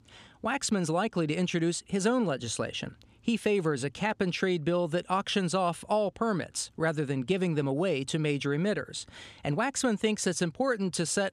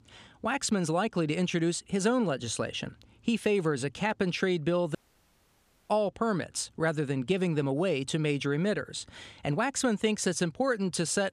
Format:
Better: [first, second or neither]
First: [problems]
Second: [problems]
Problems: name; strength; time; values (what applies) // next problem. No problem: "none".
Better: first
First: none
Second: audio cutting out; at 5 s for 1 s